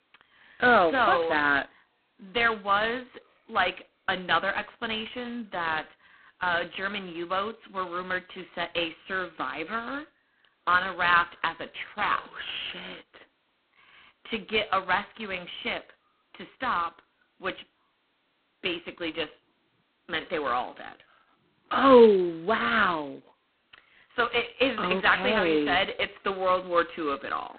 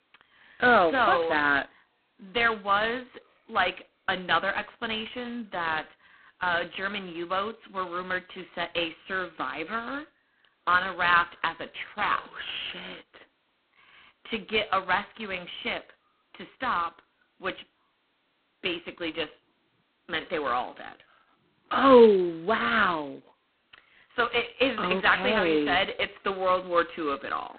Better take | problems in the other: neither | phone-call audio; poor line; the same in both

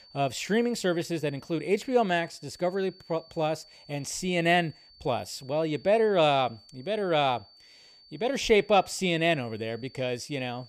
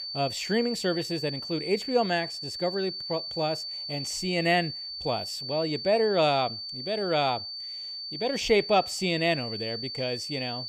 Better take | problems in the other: first | high-pitched whine; loud; throughout; 4.5 kHz, 6 dB below the speech; faint in the first

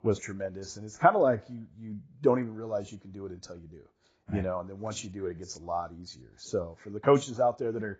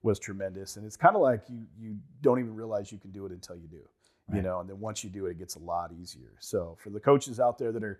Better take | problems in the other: second | garbled, watery; badly; nothing above 7.5 kHz

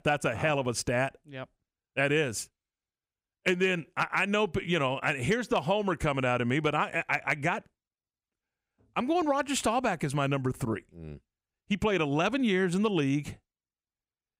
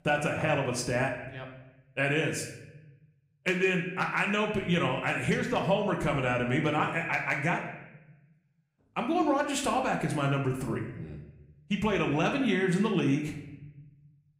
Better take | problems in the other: first | room echo; slight; dies away in 0.8 s // off-mic speech; somewhat distant

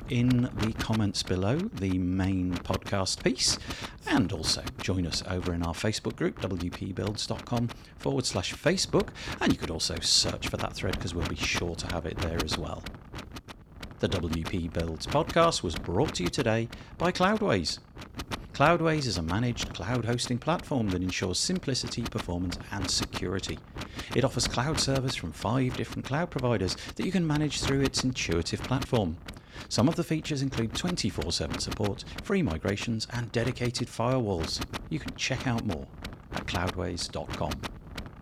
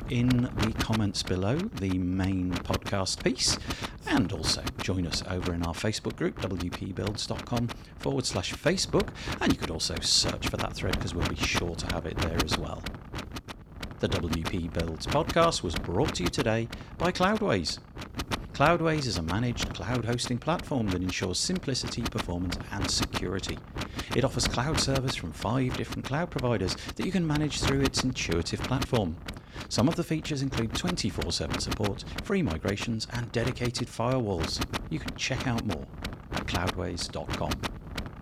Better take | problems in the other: first | wind noise on the microphone; heavy; 6 dB below the speech; occasional gusts in the first

